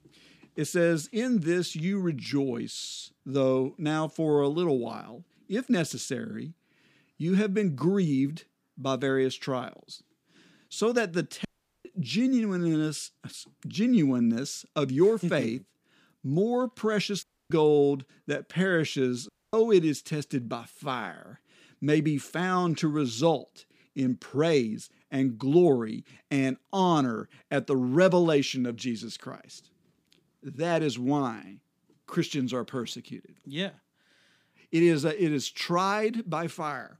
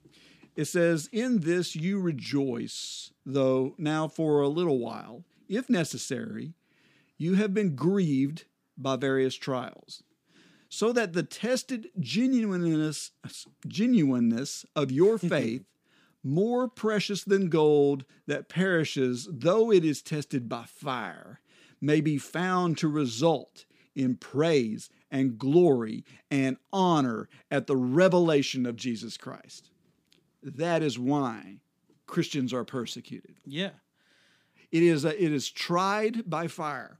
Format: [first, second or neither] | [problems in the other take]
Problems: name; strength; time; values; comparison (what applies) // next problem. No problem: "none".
second | audio cutting out; at 11 s, at 17 s and at 19 s